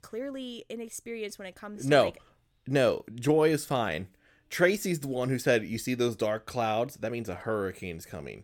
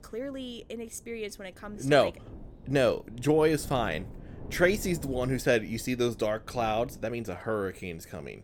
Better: first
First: none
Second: wind noise on the microphone; occasional gusts; 25 dB below the speech

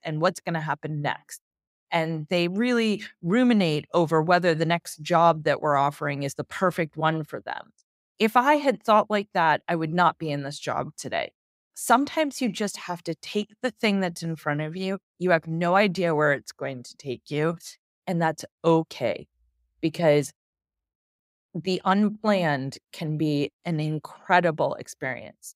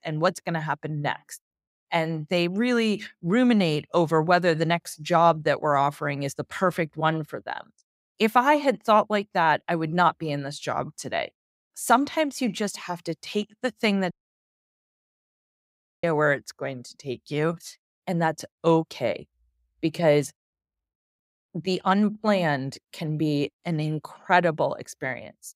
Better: first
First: none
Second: audio cutting out; at 14 s for 2 s

